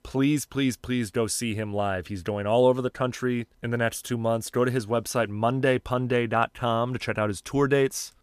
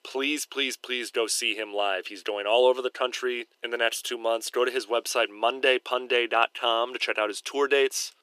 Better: first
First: none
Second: thin; very; fading below 350 Hz

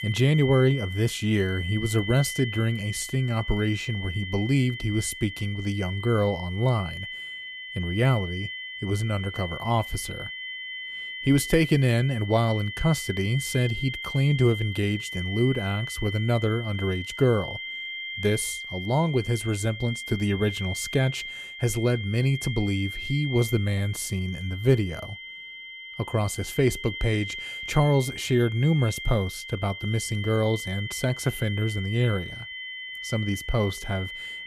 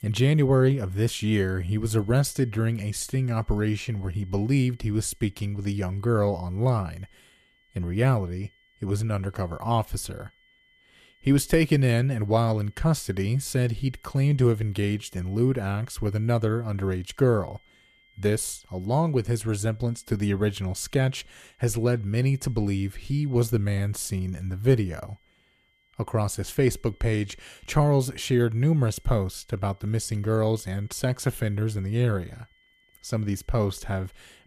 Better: second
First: high-pitched whine; loud; throughout; 2 kHz, 8 dB below the speech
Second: high-pitched whine; faint; throughout; 2 kHz, 35 dB below the speech

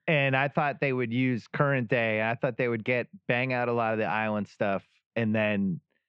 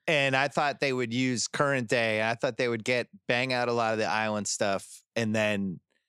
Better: second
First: muffled; very; fading above 2.5 kHz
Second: none

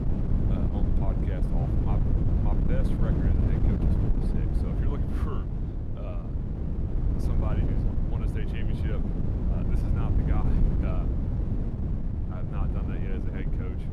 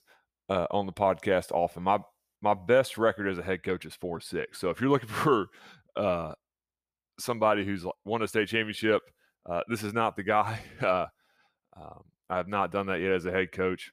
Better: second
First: wind noise on the microphone; heavy; 5 dB above the speech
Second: none

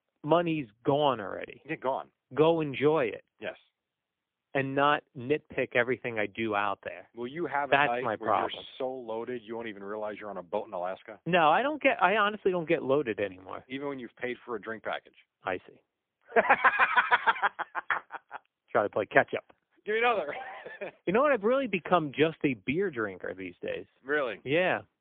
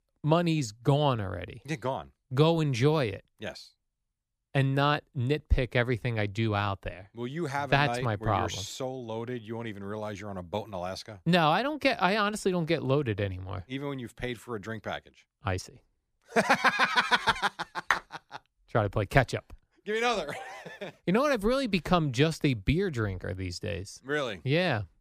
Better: second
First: phone-call audio; poor line; nothing above 3.5 kHz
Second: none

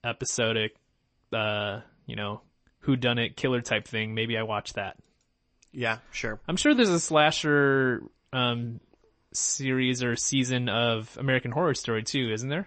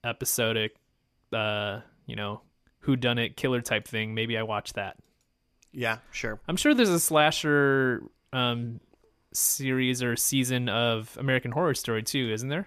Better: second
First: garbled, watery; slightly; nothing above 8 kHz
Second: none

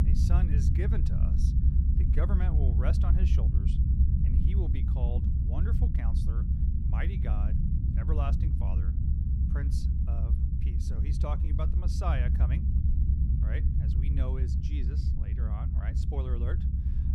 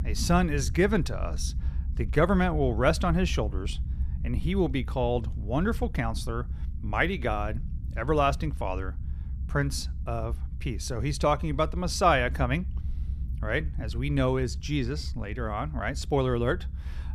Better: second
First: low rumble; loud; throughout; as loud as the speech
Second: low rumble; faint; throughout; 25 dB below the speech

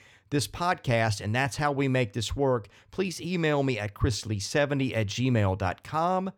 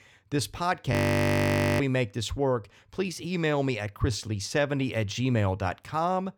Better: first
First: none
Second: audio freezing; at 1 s for 1 s

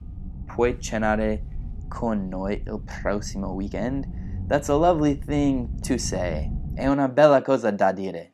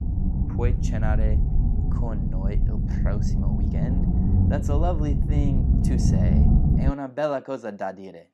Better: first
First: low rumble; faint; until 7 s; 25 dB below the speech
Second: low rumble; loud; until 7 s; 2 dB below the speech

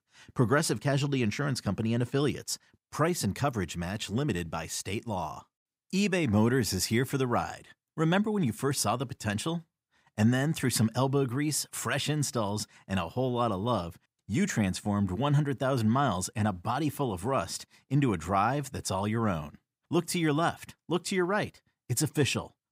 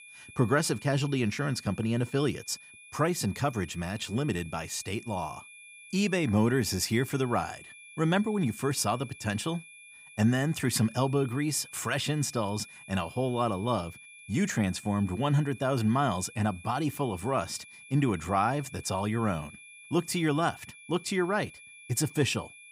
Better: first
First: none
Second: high-pitched whine; noticeable; throughout; 2.5 kHz, 20 dB below the speech

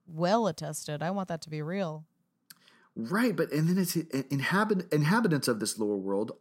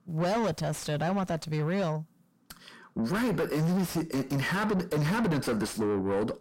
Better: first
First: none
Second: distortion; heavy; 5 dB below the speech

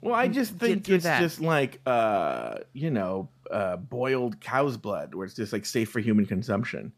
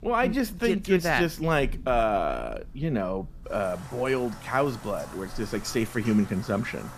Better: first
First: none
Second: rain or running water; noticeable; throughout; 15 dB below the speech

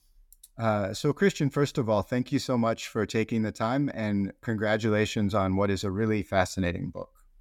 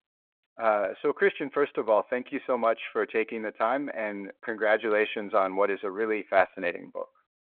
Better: first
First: none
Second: phone-call audio

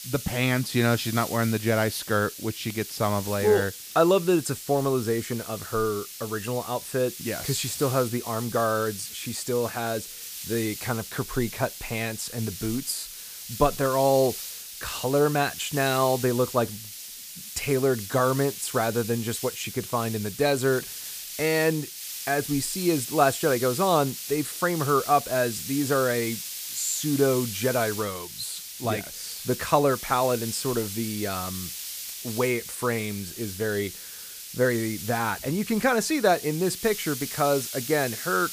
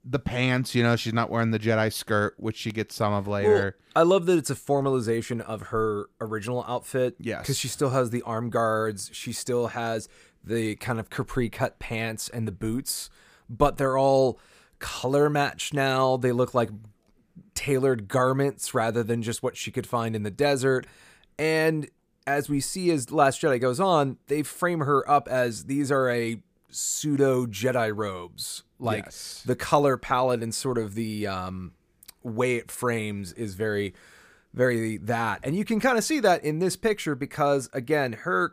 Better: second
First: hiss; loud; throughout; 9 dB below the speech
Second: none

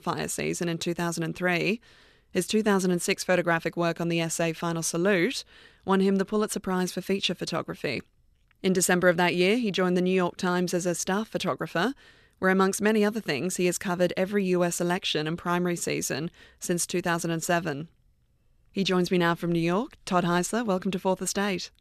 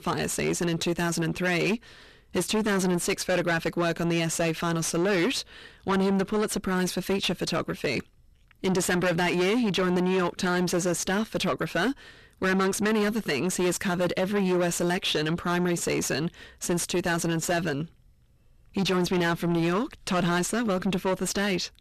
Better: first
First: none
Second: distortion; heavy; 6 dB below the speech

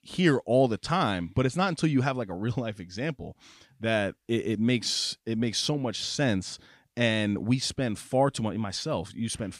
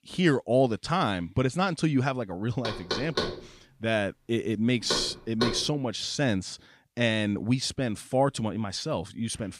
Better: first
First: none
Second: door banging; noticeable; from 2.5 to 5.5 s; peak 2 dB below the speech

